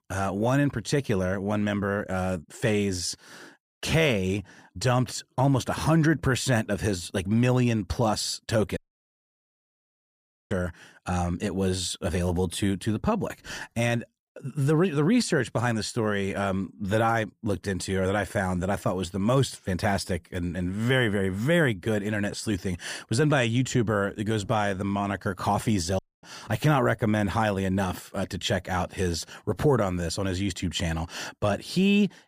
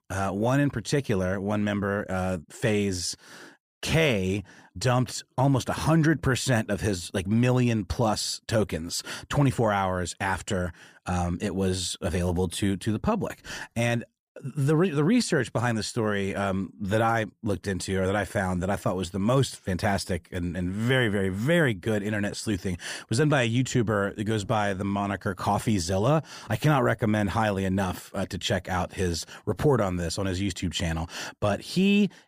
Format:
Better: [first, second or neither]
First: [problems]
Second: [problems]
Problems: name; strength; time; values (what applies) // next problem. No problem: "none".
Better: second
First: audio cutting out; at 9 s for 1.5 s and at 26 s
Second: none